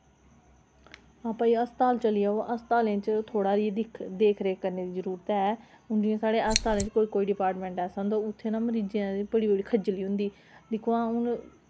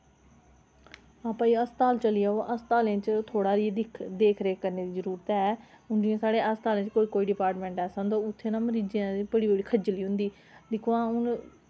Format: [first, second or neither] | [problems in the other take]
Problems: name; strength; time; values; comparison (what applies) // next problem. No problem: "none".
second | background sound (Scissors); 2 dB below the speech